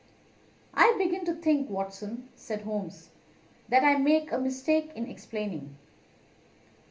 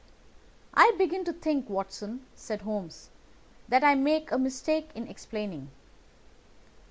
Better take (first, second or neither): second